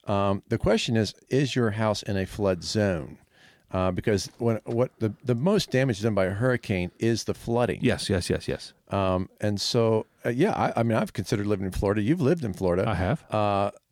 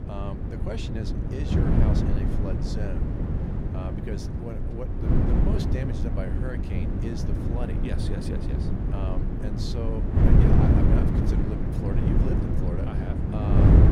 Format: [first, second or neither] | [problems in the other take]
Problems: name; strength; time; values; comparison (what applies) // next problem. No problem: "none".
first | wind noise on the microphone; heavy; 4 dB above the speech